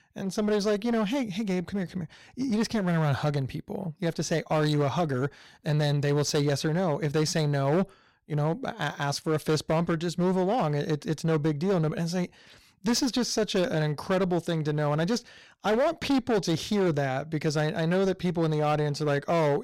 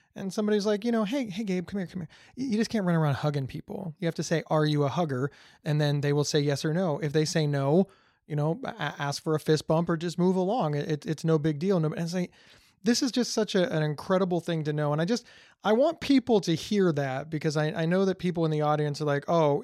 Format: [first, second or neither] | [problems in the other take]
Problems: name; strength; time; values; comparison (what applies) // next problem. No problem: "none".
second | distortion; slight; 14% of the sound clipped